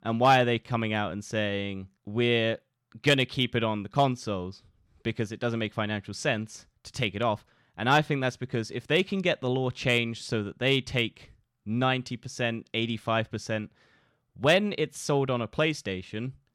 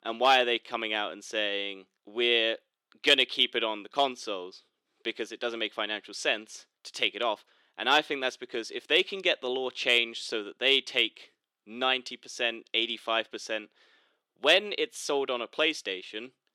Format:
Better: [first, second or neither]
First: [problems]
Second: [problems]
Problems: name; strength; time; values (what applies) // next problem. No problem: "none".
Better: first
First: none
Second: thin; somewhat; fading below 350 Hz